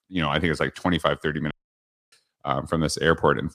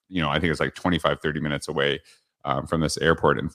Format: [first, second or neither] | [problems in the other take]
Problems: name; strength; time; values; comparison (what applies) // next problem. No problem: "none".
second | audio cutting out; at 1.5 s for 0.5 s